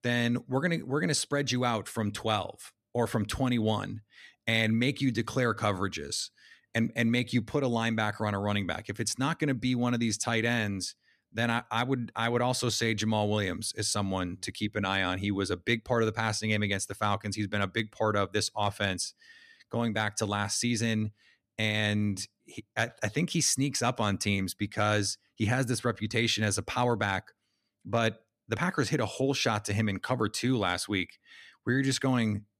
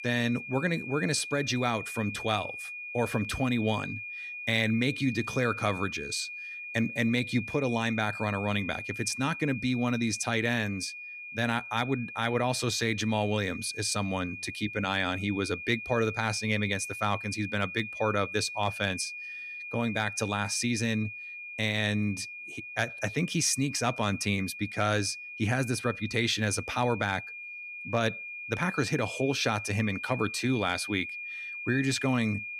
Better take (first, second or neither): first